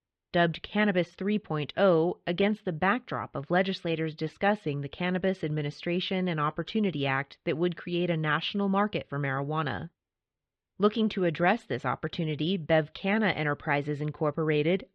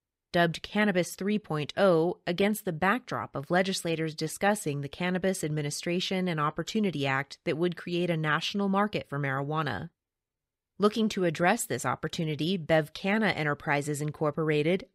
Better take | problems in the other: second | muffled; slightly; fading above 3.5 kHz

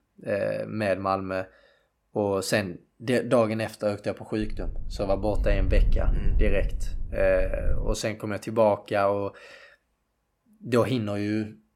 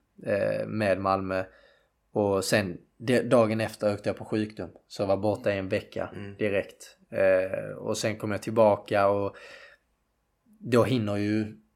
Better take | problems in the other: second | low rumble; faint; from 4.5 to 8 s; 20 dB below the speech

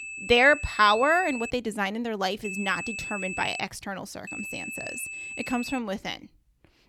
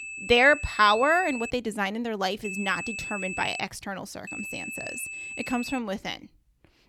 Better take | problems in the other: neither | high-pitched whine; loud; until 1.5 s, from 2.5 to 3.5 s and from 4.5 to 6 s; 2.5 kHz, 9 dB below the speech; the same in both

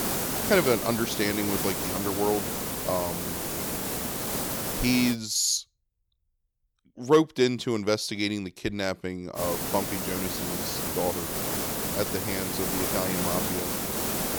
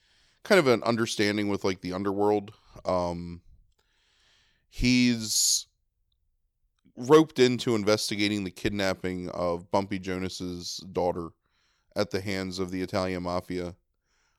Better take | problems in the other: second | hiss; loud; until 5 s and from 9.5 s on; 1 dB below the speech

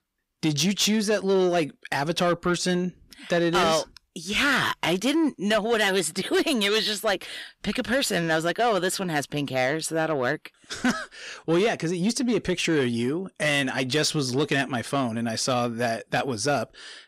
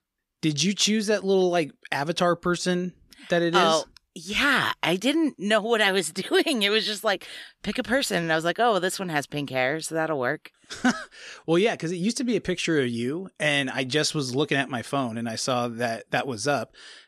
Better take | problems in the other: second | distortion; slight; 10 dB below the speech

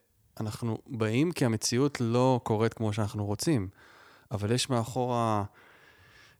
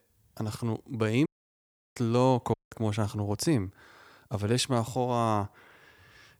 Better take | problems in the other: first | audio cutting out; at 1.5 s for 0.5 s and at 2.5 s

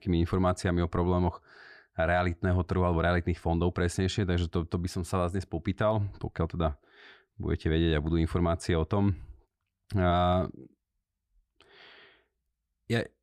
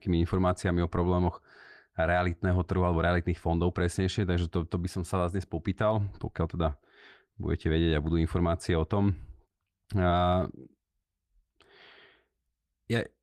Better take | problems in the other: first | garbled, watery; slightly; nothing above 14 kHz

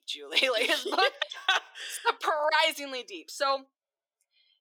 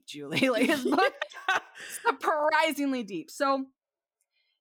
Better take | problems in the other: second | thin; very; fading below 400 Hz

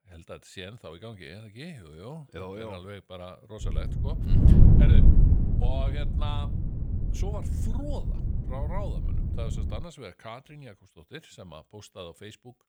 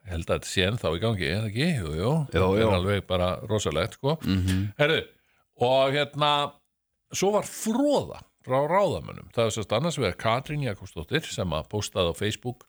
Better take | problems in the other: second | wind noise on the microphone; heavy; from 3.5 to 10 s; 3 dB above the speech

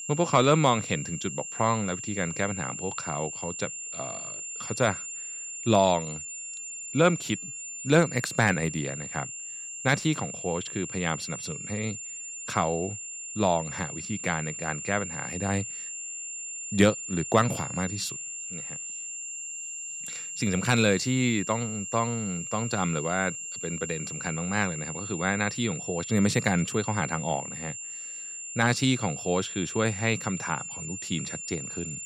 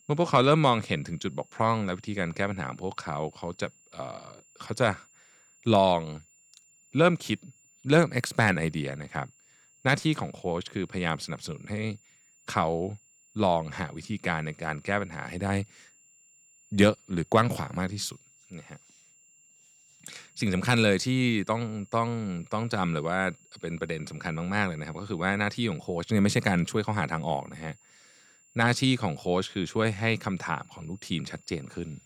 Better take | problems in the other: second | high-pitched whine; loud; throughout; 7 kHz, 7 dB below the speech; faint in the second

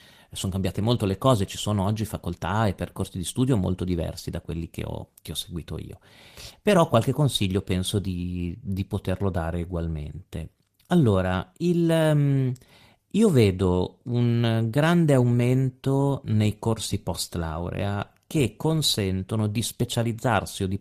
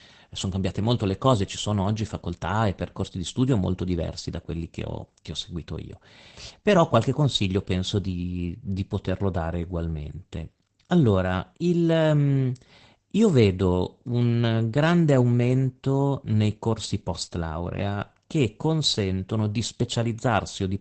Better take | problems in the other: first | garbled, watery; badly; nothing above 8 kHz; slightly in the first

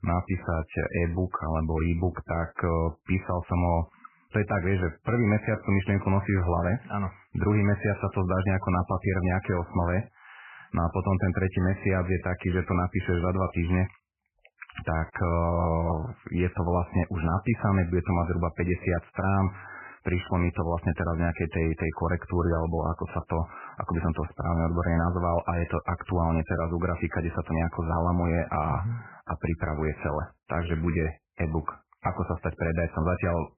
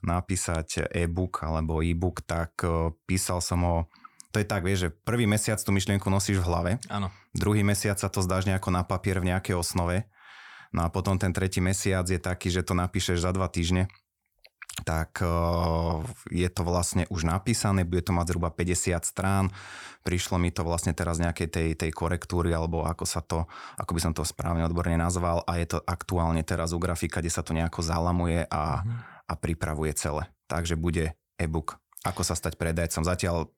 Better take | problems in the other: second | garbled, watery; badly; nothing above 2.5 kHz

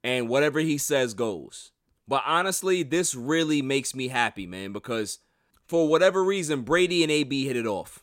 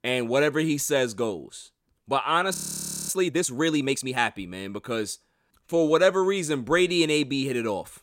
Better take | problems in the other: first | audio freezing; at 2.5 s for 0.5 s

